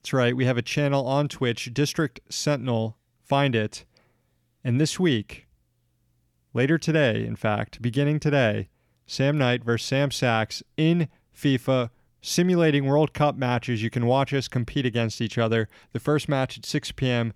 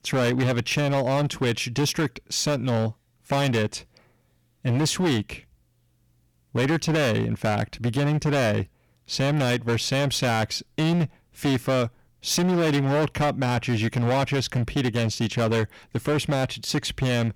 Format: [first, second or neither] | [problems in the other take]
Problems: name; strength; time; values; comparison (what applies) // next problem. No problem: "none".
first | distortion; heavy; 18% of the sound clipped